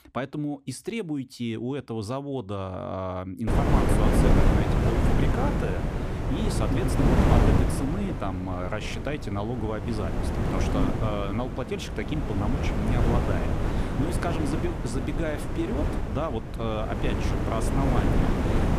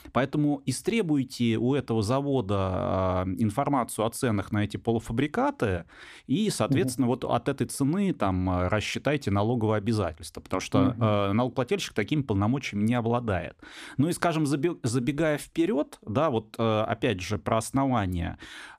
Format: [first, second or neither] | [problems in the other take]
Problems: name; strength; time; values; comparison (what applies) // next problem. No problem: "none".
second | wind noise on the microphone; heavy; from 3.5 s on; 1 dB above the speech